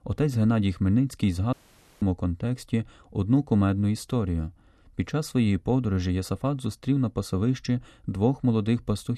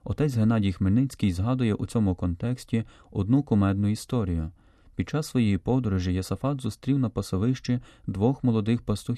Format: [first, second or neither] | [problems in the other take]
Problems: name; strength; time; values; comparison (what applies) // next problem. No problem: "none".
second | audio cutting out; at 1.5 s